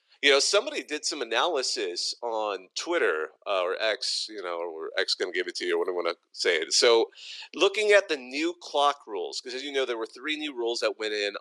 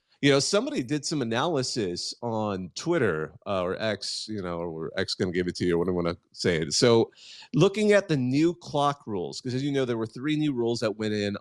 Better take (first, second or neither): second